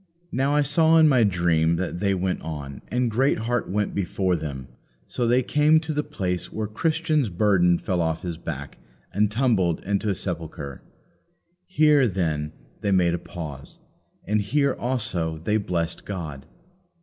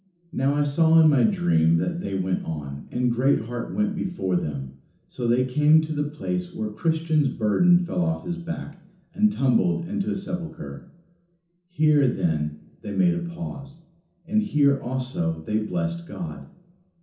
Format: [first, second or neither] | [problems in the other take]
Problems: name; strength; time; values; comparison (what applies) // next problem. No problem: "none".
first | room echo; dies away in 0.9 s